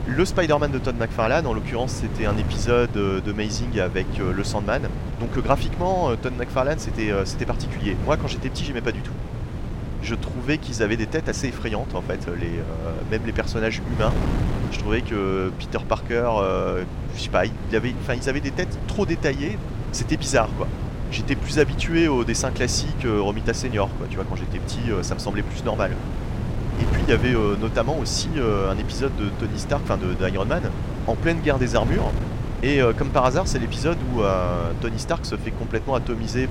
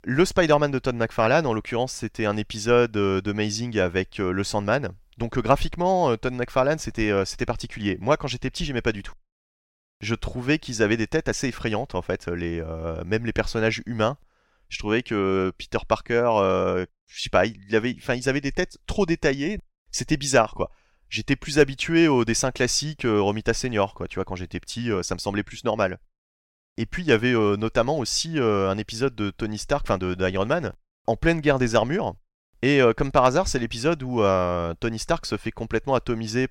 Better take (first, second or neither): second